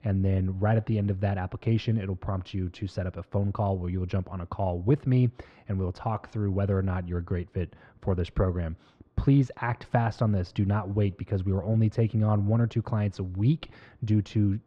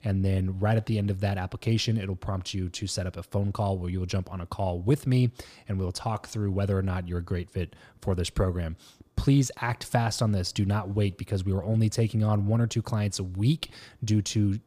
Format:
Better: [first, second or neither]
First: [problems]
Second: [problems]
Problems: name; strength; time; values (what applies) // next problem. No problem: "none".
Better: second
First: muffled; very; fading above 2 kHz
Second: none